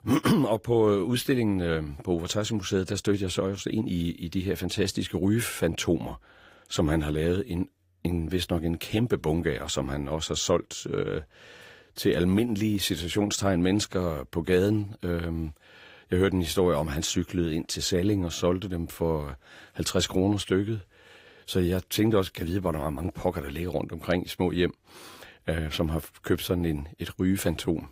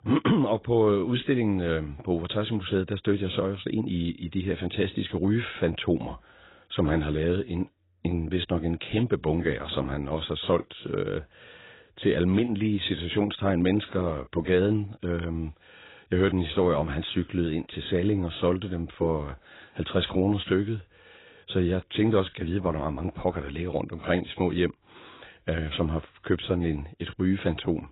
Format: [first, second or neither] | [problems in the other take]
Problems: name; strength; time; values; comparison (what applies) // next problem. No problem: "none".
first | garbled, watery; badly; nothing above 4 kHz; slightly in the first